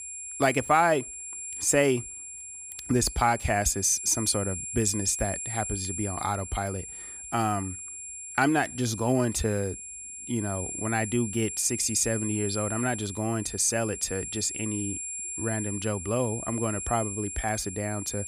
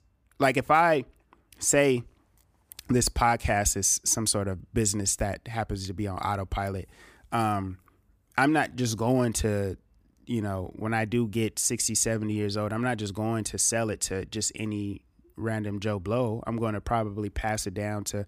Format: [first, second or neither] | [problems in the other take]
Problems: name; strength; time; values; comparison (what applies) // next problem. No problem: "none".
second | high-pitched whine; loud; throughout; 7.5 kHz, 7 dB below the speech